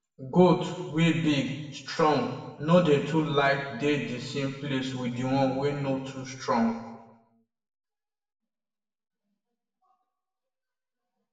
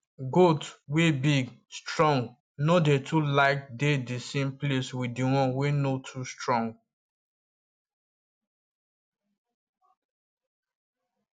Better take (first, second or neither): second